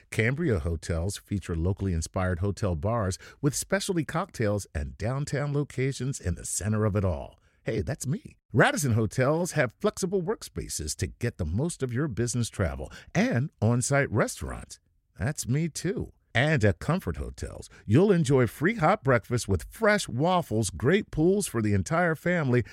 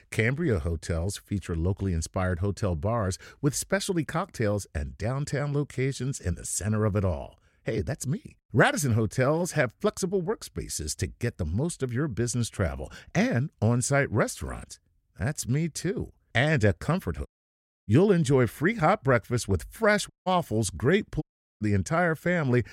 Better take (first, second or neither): first